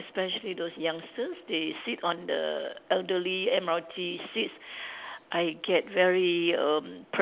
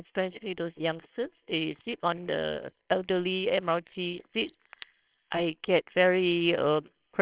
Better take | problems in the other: first | noise reduction (neural separator model SepFormer WHAMR!)

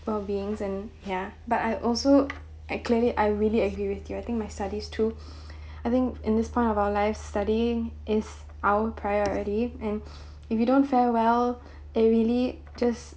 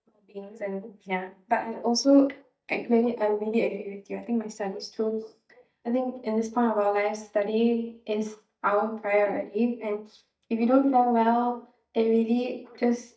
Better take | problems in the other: first | noise reduction (neural mask model DeepFilterNet 3)

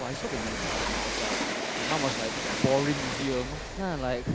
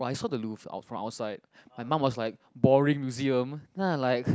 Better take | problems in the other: second | background sound (Train); as loud as the speech

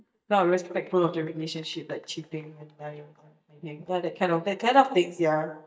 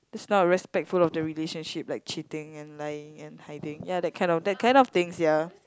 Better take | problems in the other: second | noise reduction (neural mask model DeepFilterNet 3)

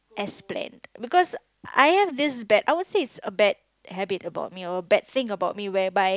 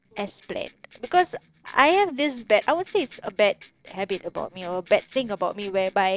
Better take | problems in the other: first | noise reduction (neural separator model SepFormer DNS4)

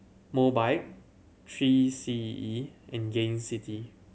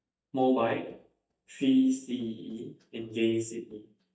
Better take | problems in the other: first | noise reduction (neural mask model DeepFilterNet 3)

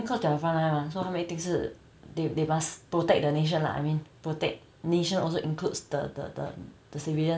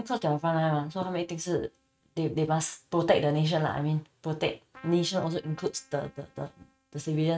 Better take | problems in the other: first | noise reduction (neural mask model RNNoise)

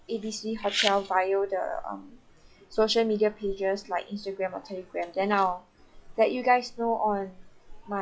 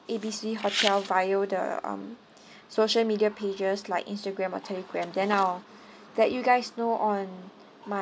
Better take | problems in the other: second | noise reduction (classical method log-MMSE)

